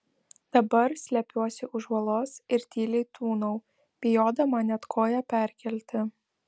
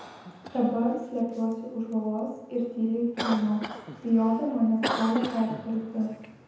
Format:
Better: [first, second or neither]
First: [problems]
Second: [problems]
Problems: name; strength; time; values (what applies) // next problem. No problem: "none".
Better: first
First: none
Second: background sound (Cough); 10 dB below the speech // room echo; dies away in 0.9 s